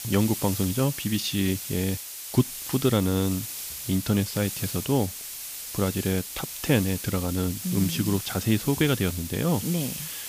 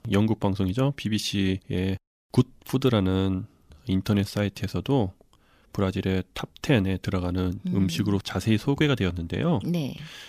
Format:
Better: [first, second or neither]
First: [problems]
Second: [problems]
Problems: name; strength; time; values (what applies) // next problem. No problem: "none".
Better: second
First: hiss; loud; throughout; 7 dB below the speech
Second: none